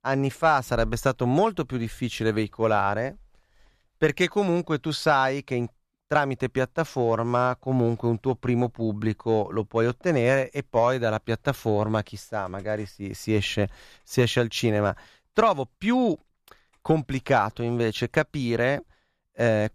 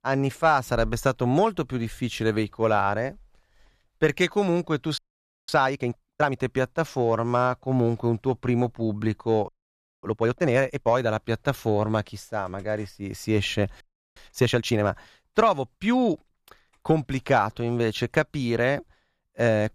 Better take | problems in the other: first | audio freezing; at 5 s for 0.5 s, at 9.5 s for 0.5 s and at 14 s

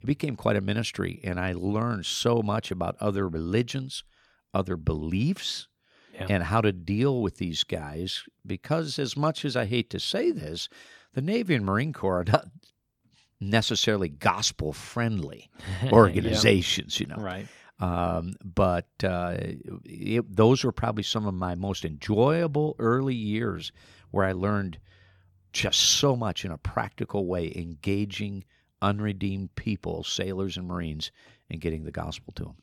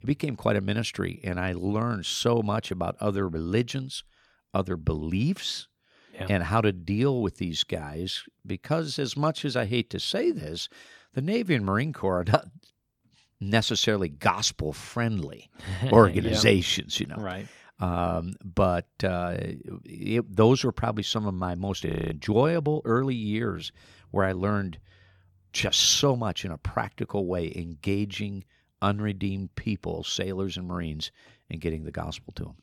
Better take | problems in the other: first | audio freezing; at 22 s

